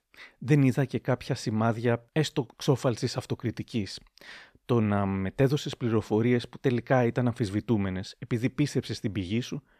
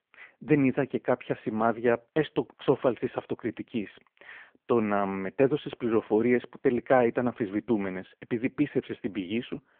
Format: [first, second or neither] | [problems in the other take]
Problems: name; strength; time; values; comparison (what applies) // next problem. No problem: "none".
first | phone-call audio; poor line